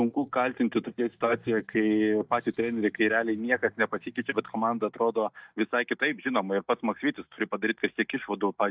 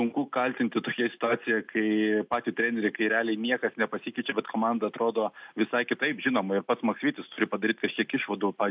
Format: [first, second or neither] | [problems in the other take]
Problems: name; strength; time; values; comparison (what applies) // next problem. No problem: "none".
second | noise reduction (neural mask model DeepFilterNet 3)